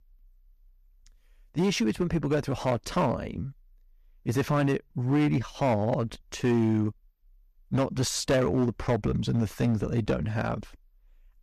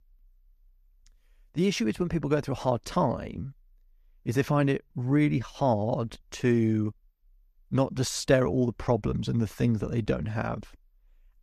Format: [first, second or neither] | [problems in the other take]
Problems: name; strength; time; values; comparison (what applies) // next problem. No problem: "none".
second | distortion; slight; 6% of the sound clipped